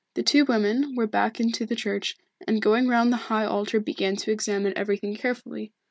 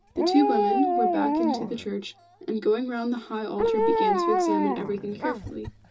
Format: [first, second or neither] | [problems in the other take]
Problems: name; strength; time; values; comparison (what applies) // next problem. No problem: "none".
first | background sound (Dog); 1 dB above the speech // room echo; dies away in 0.2 s